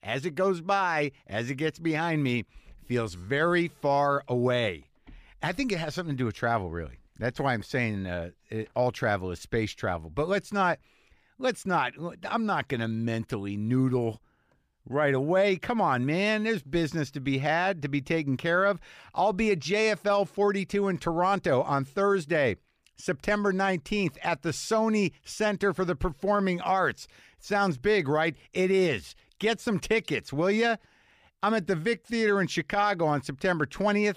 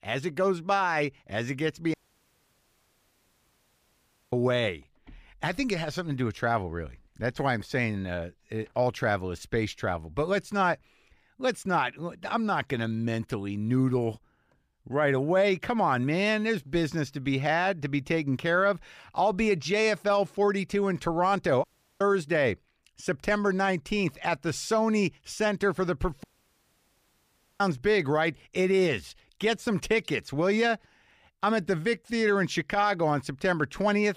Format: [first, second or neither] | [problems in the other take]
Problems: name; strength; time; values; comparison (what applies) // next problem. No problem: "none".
first | audio cutting out; at 2 s for 2.5 s, at 22 s and at 26 s for 1.5 s